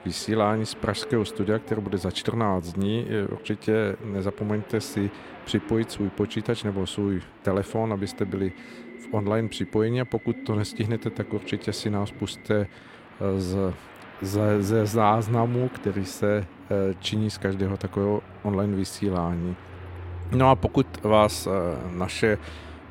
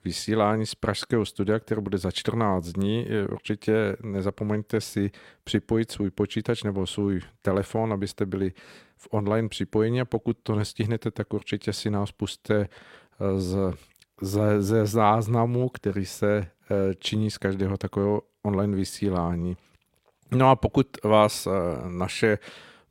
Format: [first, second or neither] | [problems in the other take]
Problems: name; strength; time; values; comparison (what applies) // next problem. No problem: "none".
second | train or aircraft noise; noticeable; throughout; 15 dB below the speech